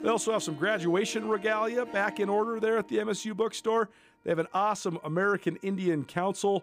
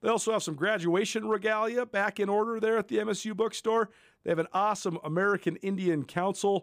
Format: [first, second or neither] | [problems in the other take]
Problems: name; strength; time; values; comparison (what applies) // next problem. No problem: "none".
second | background music; noticeable; throughout; 15 dB below the speech